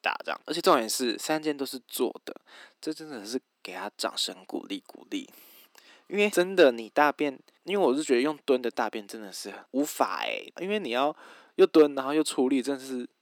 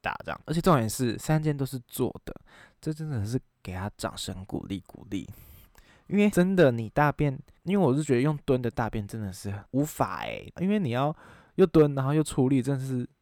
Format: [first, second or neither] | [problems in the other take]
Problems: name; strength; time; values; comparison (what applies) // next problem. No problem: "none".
second | thin; somewhat; fading below 250 Hz